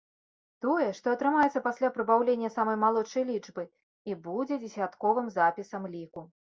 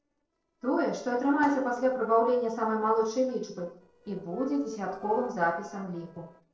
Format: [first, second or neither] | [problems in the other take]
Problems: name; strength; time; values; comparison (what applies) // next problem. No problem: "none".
first | noise reduction (neural separator model SepFormer DNS4)